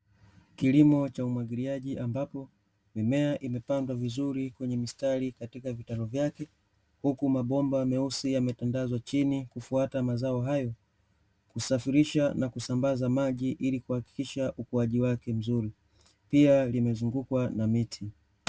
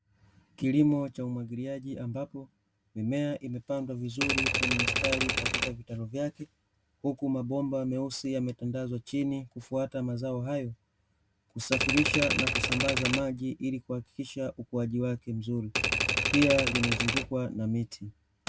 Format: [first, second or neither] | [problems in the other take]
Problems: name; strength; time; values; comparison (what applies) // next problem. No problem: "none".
first | background sound (Typewriter); 2 dB above the speech